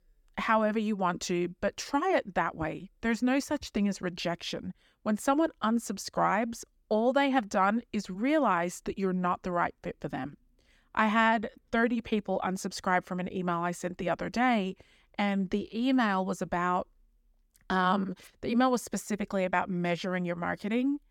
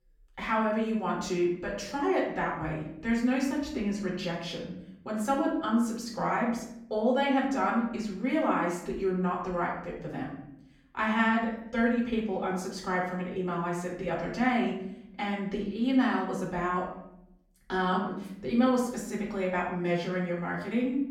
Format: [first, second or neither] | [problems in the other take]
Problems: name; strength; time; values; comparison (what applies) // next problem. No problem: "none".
first | off-mic speech; far // room echo; noticeable; dies away in 0.7 s